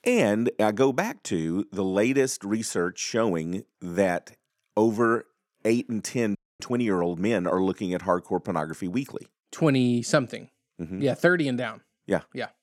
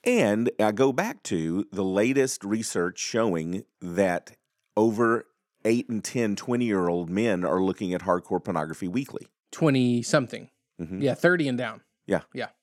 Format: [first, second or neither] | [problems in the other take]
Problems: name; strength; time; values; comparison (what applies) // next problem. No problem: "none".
second | audio freezing; at 6.5 s